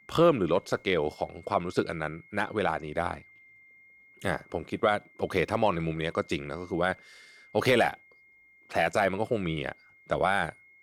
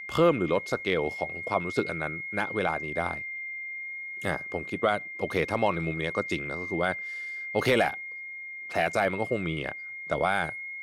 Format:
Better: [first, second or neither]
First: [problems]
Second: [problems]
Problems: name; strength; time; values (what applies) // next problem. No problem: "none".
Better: first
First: high-pitched whine; faint; throughout; 2 kHz, 25 dB below the speech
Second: high-pitched whine; loud; throughout; 2 kHz, 6 dB below the speech